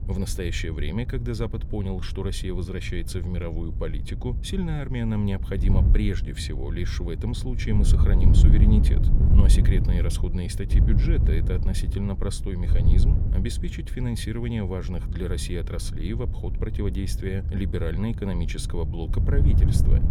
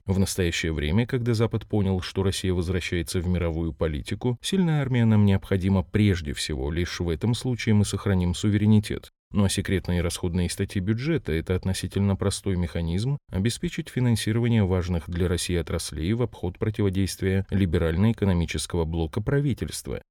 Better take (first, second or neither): second